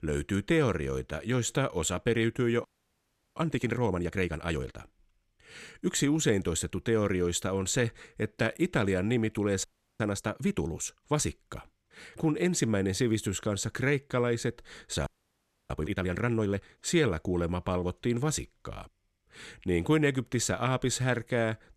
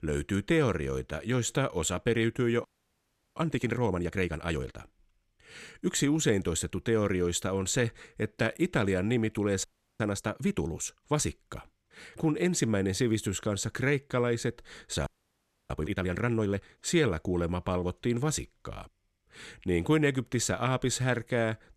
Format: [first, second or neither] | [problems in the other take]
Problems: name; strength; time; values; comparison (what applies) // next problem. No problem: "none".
neither | audio freezing; at 2.5 s for 0.5 s, at 9.5 s and at 15 s for 0.5 s; the same in both